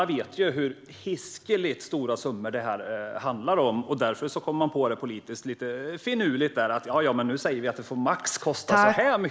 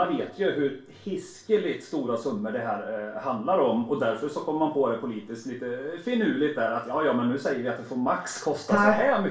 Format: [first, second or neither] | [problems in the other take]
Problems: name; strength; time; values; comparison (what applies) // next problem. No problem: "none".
first | room echo; dies away in 0.3 s